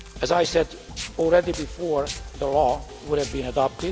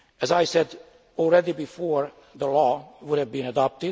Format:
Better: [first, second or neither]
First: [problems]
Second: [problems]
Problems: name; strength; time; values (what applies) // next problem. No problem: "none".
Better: second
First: background sound (Walk, footsteps + Drum kit); 12 dB below the speech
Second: none